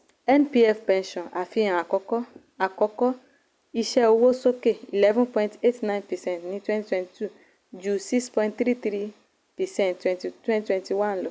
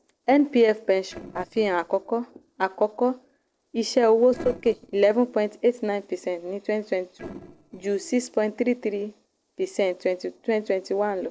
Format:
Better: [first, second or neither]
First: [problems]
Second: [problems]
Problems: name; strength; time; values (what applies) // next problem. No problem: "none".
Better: first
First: none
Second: noise reduction (neural separator model SepFormer DNS4)